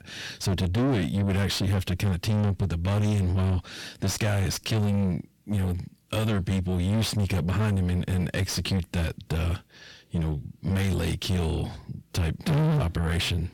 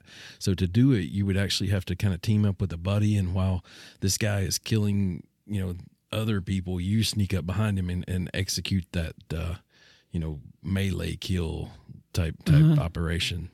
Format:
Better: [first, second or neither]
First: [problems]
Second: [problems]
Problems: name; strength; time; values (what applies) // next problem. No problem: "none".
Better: second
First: distortion; heavy; 6 dB below the speech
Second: none